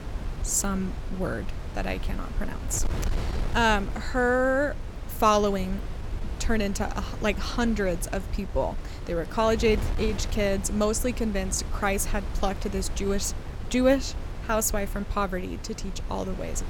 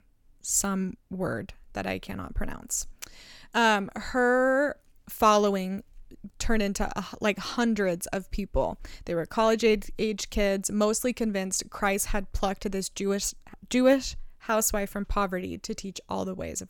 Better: second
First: wind noise on the microphone; occasional gusts; 15 dB below the speech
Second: none

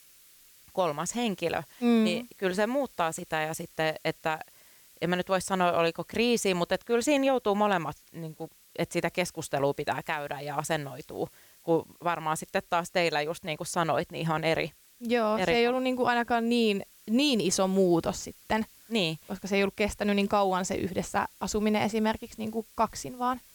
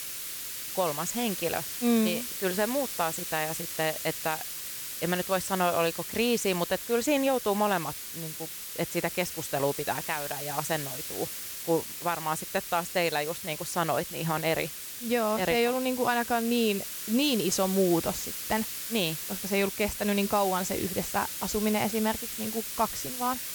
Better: first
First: hiss; faint; throughout; 25 dB below the speech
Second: hiss; loud; throughout; 5 dB below the speech

